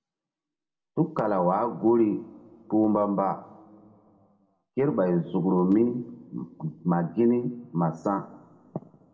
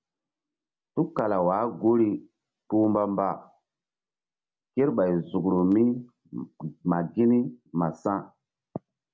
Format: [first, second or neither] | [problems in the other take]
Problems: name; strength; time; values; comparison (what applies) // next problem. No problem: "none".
second | room echo; dies away in 1.7 s